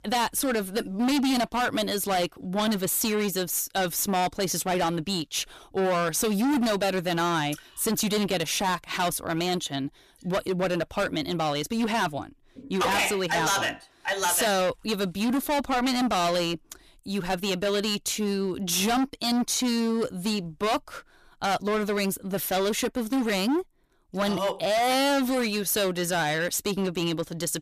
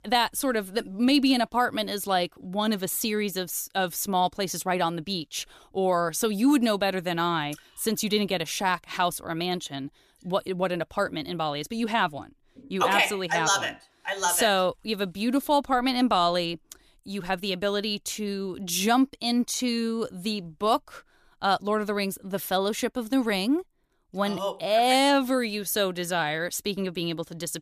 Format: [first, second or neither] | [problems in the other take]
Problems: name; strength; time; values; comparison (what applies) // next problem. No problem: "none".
second | distortion; heavy; 19% of the sound clipped